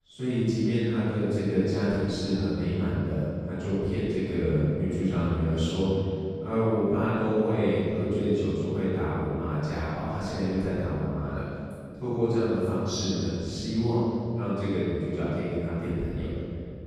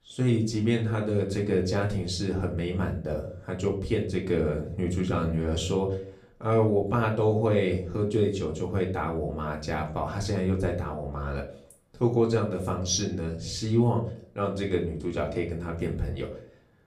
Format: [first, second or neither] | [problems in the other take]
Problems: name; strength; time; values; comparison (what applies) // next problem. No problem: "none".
second | room echo; strong; dies away in 2.4 s; slight in the second // off-mic speech; far; far in the second